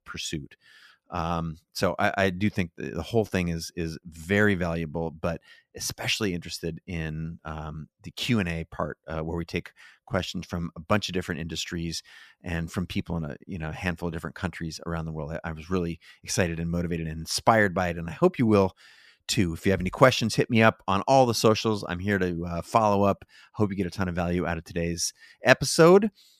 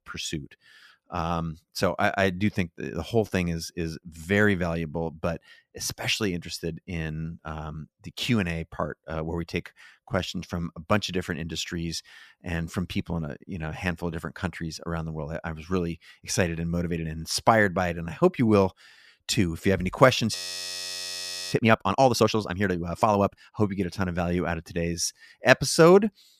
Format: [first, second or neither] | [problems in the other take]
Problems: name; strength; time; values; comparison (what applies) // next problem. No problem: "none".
first | audio freezing; at 20 s for 1 s